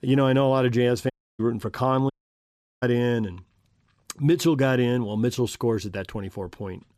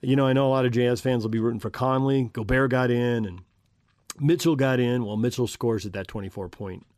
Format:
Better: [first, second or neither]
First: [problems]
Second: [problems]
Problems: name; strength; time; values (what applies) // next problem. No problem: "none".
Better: second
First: audio cutting out; at 1 s and at 2 s for 0.5 s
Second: none